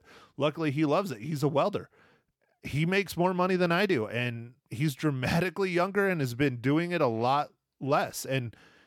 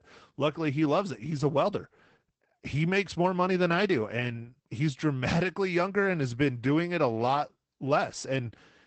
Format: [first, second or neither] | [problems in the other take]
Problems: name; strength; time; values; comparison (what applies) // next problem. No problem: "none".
first | garbled, watery; badly; nothing above 8 kHz